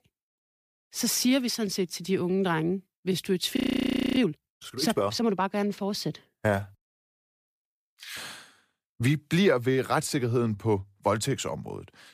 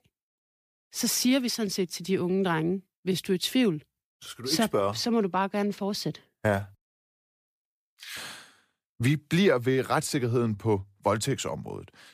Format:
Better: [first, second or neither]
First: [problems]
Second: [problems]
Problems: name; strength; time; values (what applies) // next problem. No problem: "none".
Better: second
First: audio freezing; at 3.5 s for 0.5 s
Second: none